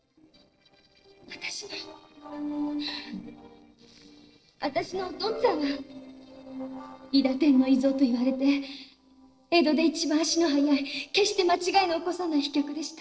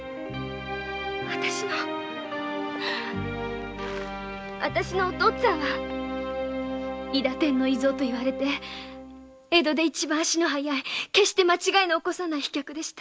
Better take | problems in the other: second | noise reduction (neural separator model SepFormer DNS4)

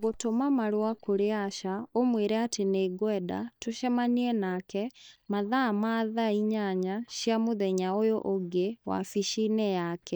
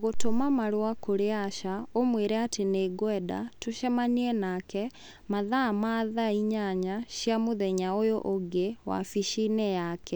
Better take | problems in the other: second | noise reduction (neural mask model DeepFilterNet 3)

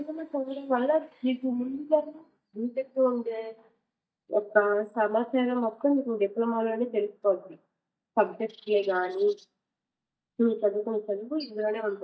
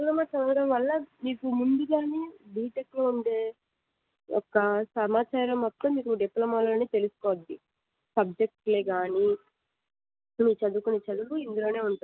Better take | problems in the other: second | noise reduction (neural mask model DeepFilterNet 3)

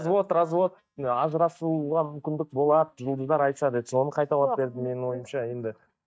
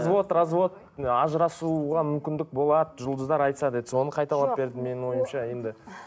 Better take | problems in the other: second | noise reduction (neural mask model DeepFilterNet 3)

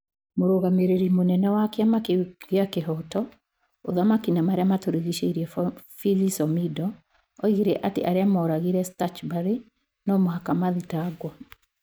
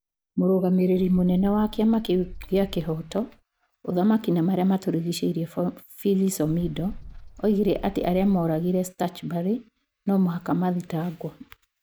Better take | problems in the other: first | background sound (Bird); 19 dB below the speech

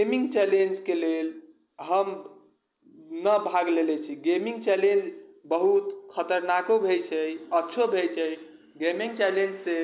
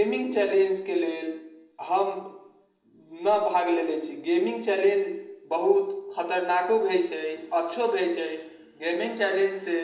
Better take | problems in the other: first | room echo; dies away in 0.8 s

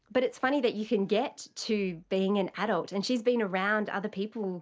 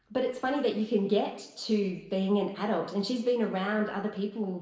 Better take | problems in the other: first | room echo; dies away in 0.8 s

